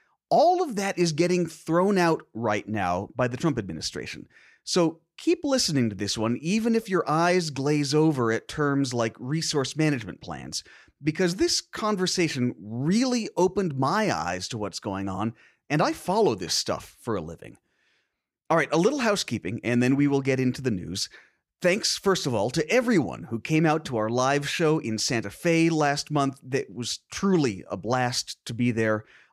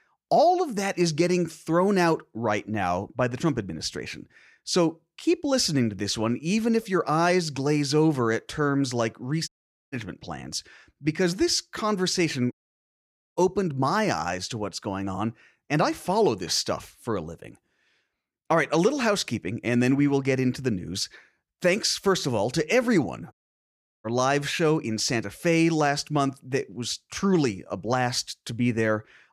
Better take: first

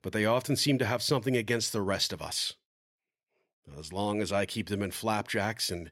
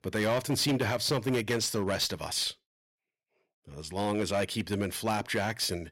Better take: first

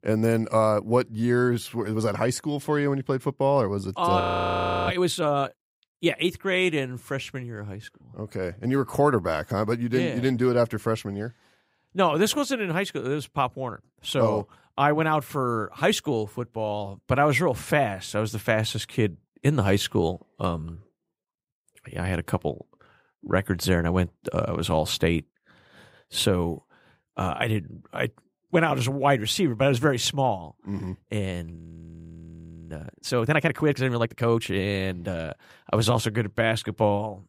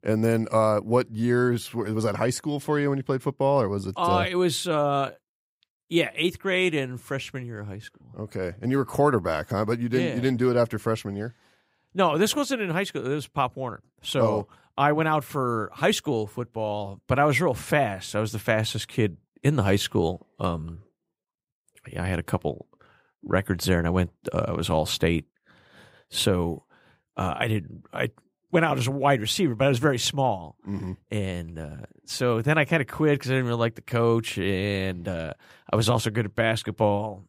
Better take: second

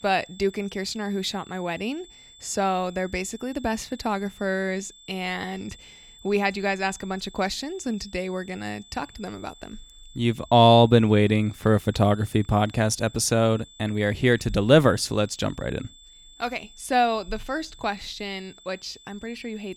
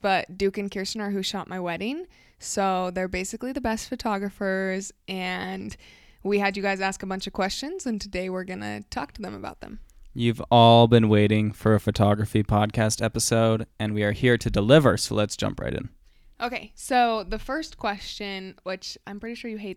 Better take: second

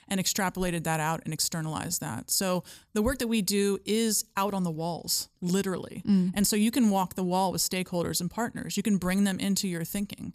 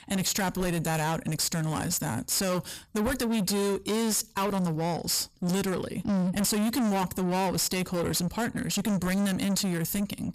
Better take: first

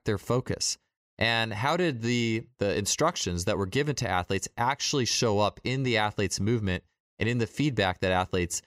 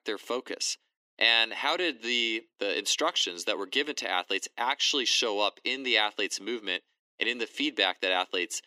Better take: first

